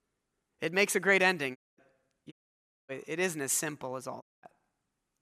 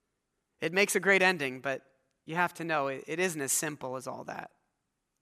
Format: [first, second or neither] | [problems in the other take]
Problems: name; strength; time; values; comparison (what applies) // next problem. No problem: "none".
second | audio cutting out; at 1.5 s, at 2.5 s for 0.5 s and at 4 s